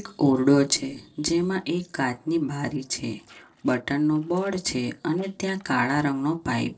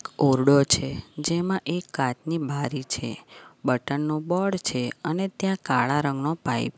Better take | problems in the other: second | noise reduction (neural separator model SepFormer DNS4)

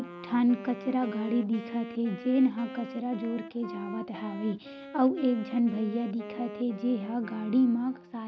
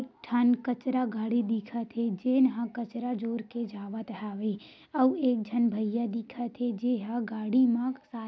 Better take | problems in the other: second | background sound (Wind instrument, woodwind instrument); 13 dB below the speech

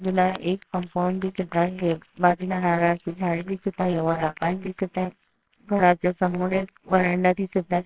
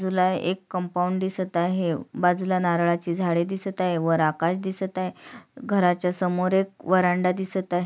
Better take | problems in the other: second | noise reduction (neural separator model SepFormer WHAMR!)

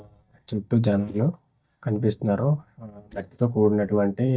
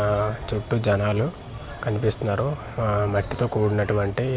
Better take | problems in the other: second | noise reduction (neural mask model DeepFilterNet 3)

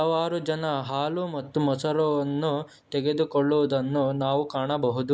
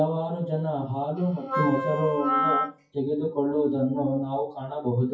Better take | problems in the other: first | noise reduction (classical method WPE with log-MMSE)

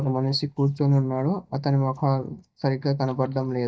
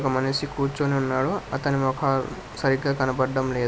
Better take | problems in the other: second | noise reduction (neural mask model DeepFilterNet 3)

